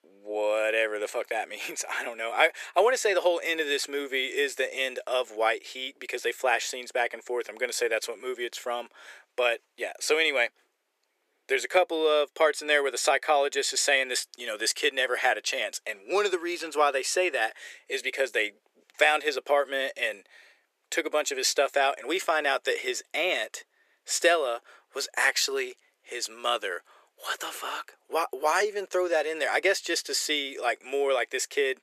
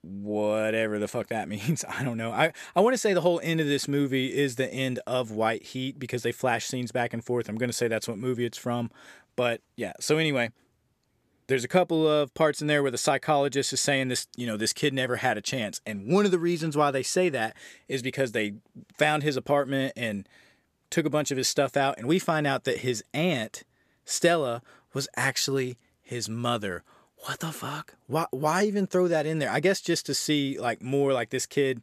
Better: second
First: thin; very; fading below 400 Hz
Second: none

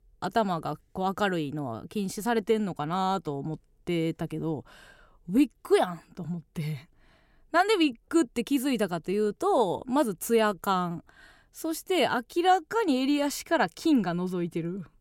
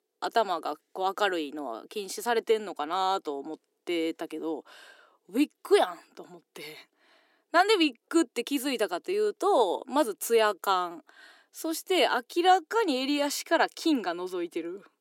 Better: first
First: none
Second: thin; very slightly; fading below 300 Hz

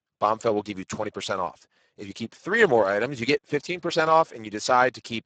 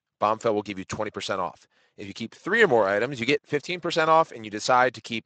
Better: second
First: garbled, watery; badly; nothing above 7.5 kHz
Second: garbled, watery; slightly; nothing above 7.5 kHz

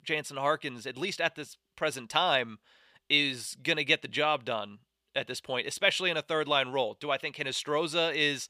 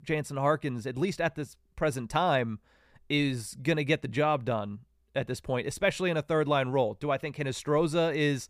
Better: second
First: thin; somewhat; fading below 1 kHz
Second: none

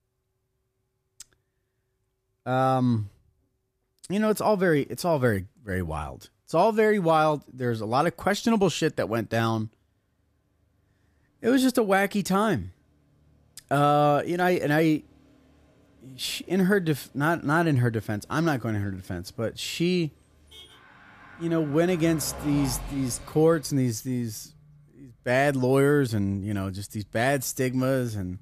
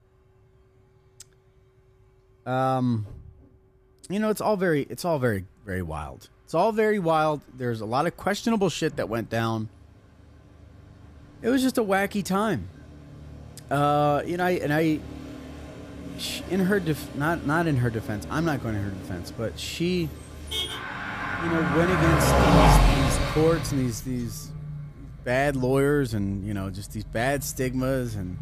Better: first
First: traffic noise; faint; throughout; 20 dB below the speech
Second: traffic noise; loud; throughout; 2 dB below the speech

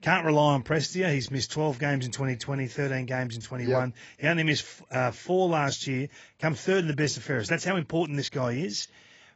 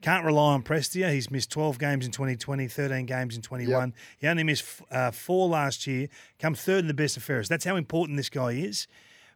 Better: second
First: garbled, watery; badly; nothing above 7.5 kHz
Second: none

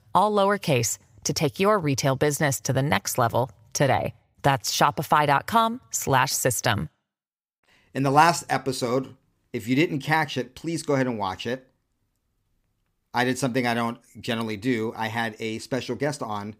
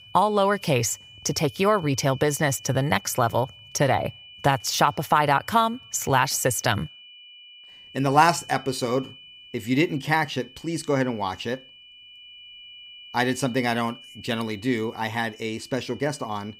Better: first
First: none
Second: high-pitched whine; faint; throughout; 3 kHz, 20 dB below the speech

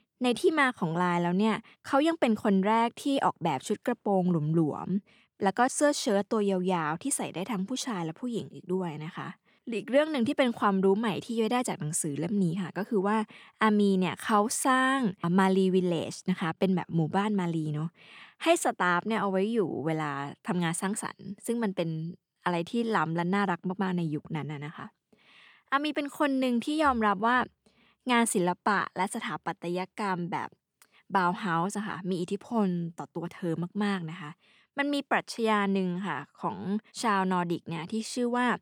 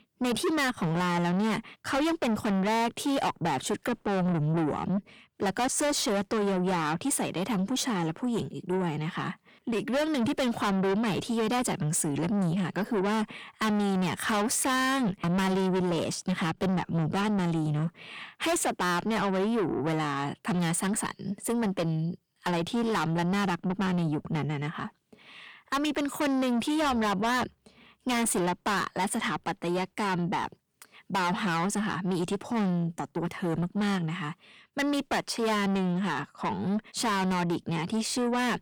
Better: first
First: none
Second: distortion; heavy; 6 dB below the speech

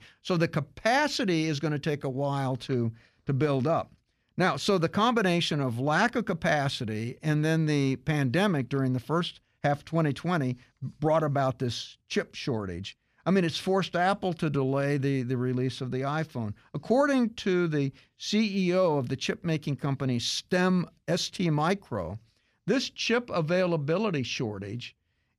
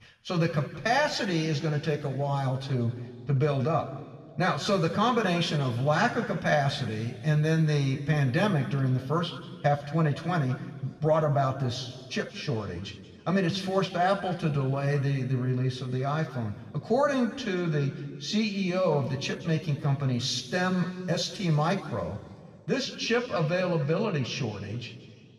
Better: first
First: none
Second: room echo; noticeable; dies away in 2 s // off-mic speech; somewhat distant

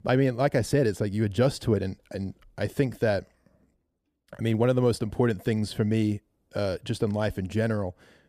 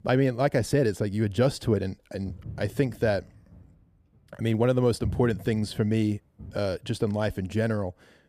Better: first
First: none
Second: footsteps; noticeable; from 2.5 to 6.5 s; peak 8 dB below the speech

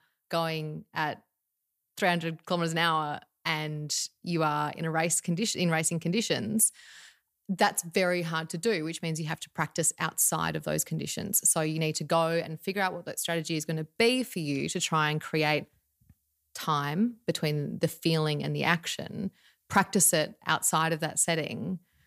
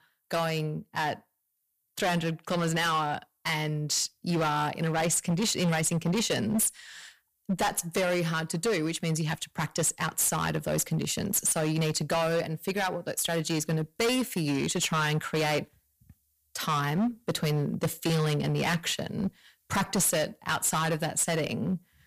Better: first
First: none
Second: distortion; heavy; 13% of the sound clipped

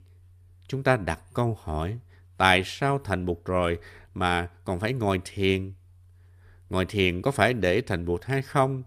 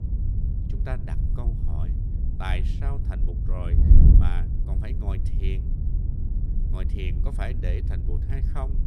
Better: first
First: none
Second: wind noise on the microphone; heavy; 1 dB below the speech

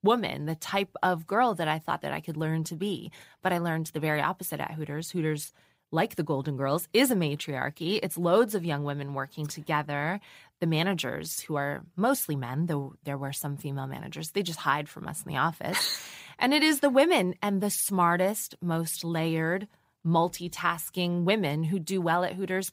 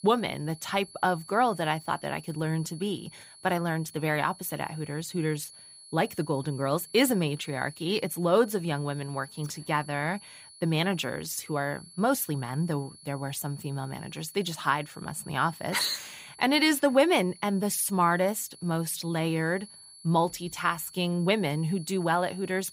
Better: first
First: none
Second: high-pitched whine; noticeable; throughout; 4.5 kHz, 20 dB below the speech

